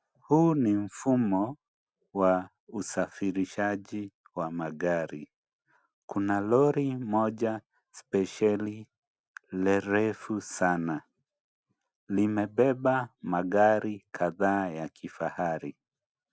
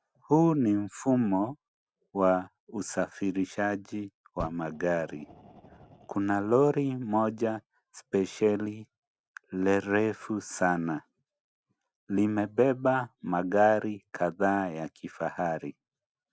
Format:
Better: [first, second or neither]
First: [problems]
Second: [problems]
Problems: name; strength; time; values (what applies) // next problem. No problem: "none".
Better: first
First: none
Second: background sound (Fire); 20 dB below the speech